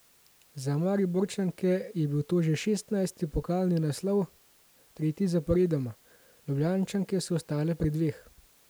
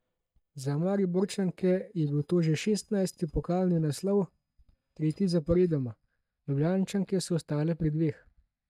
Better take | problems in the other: first | noise reduction (neural mask model DeepFilterNet 3)

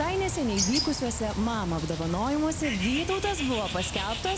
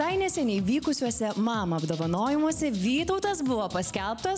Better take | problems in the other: second | background sound (Bird); 5 dB below the speech

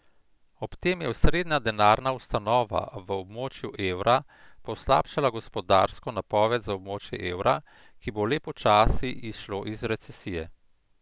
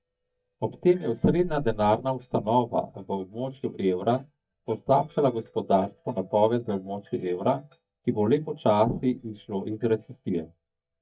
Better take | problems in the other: first | noise reduction (neural mask model DeepFilterNet 3)

